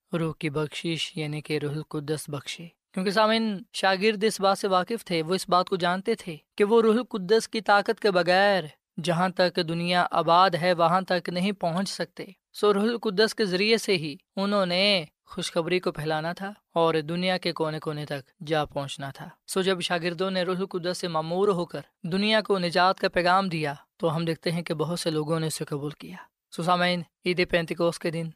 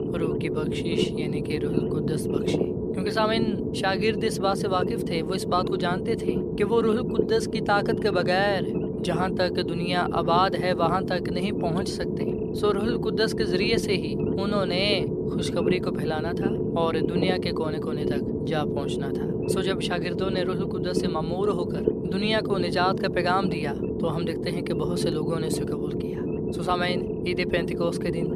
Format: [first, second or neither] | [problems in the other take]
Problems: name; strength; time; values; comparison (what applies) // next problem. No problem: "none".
first | low rumble; loud; throughout; 4 dB below the speech